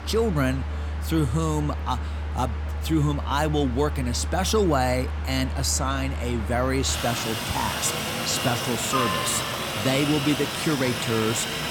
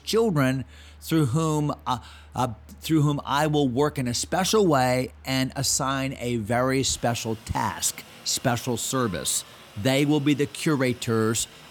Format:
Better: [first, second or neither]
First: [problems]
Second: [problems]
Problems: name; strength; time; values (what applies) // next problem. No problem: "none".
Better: second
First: train or aircraft noise; loud; throughout; 3 dB below the speech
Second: train or aircraft noise; faint; throughout; 25 dB below the speech